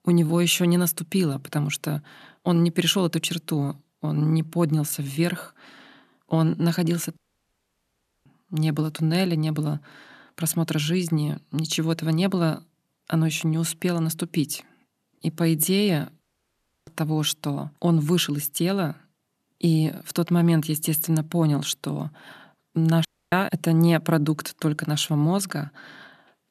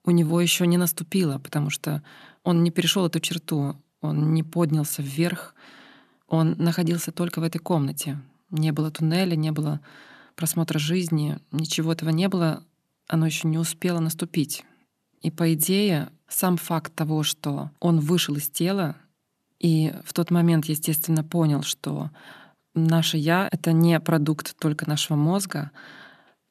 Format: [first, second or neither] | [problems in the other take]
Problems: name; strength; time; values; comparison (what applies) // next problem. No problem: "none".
second | audio cutting out; at 7 s for 1 s, at 16 s for 0.5 s and at 23 s